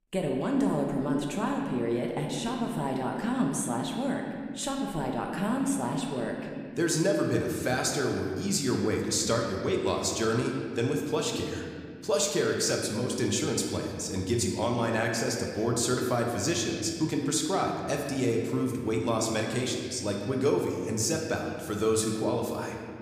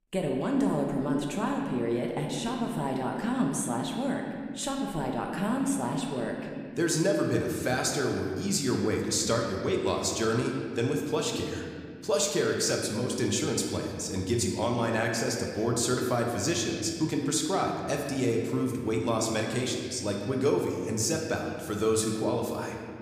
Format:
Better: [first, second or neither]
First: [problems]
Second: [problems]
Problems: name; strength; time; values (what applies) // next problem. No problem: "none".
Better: neither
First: room echo; noticeable; dies away in 1.9 s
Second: room echo; noticeable; dies away in 1.9 s